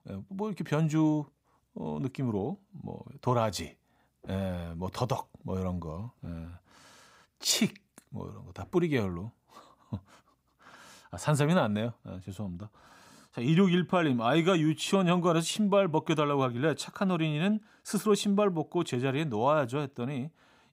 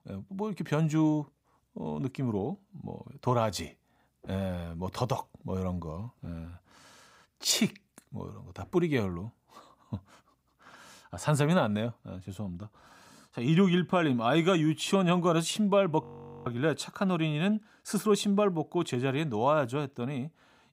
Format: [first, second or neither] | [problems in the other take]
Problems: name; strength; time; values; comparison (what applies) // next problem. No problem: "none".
first | audio freezing; at 16 s